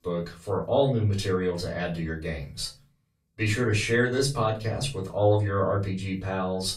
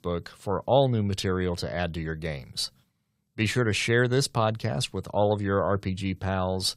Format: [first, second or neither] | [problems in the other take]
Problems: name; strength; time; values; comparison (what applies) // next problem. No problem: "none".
second | room echo; slight; dies away in 0.3 s // off-mic speech; far